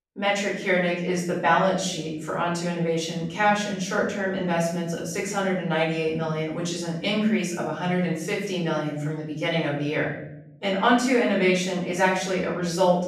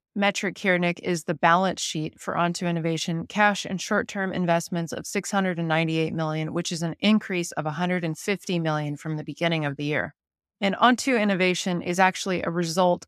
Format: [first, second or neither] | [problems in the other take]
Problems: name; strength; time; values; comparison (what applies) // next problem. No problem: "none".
second | off-mic speech; far // room echo; noticeable; dies away in 0.7 s